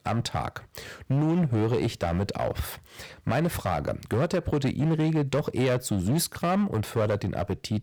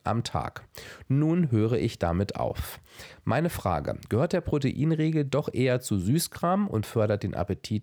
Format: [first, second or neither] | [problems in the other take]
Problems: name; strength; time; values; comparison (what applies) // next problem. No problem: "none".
second | distortion; slight; 11% of the sound clipped